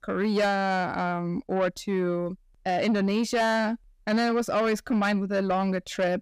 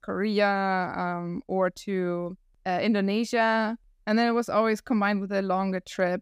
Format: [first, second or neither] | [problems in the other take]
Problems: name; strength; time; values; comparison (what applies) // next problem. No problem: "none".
second | distortion; slight; 10 dB below the speech